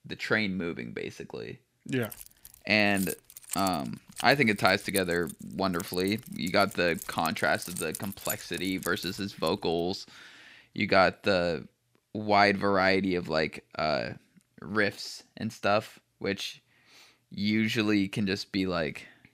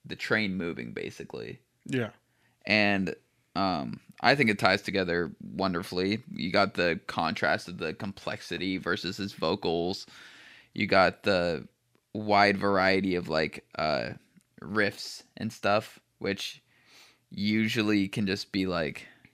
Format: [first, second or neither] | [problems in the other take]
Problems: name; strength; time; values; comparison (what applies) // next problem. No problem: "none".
second | jangling keys; noticeable; from 2 to 9.5 s; peak 7 dB below the speech